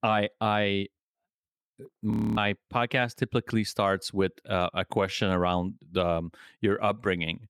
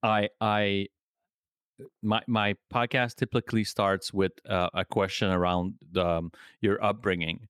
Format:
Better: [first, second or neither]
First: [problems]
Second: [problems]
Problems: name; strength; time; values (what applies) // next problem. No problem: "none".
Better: second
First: audio freezing; at 2 s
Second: none